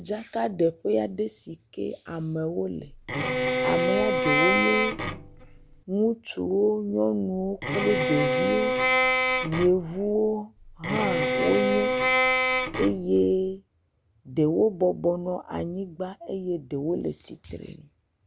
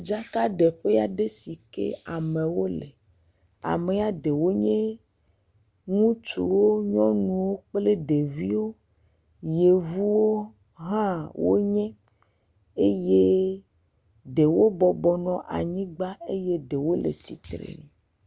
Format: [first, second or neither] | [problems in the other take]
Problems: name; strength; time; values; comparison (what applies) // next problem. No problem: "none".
second | background sound (Bowed string instrument); 2 dB above the speech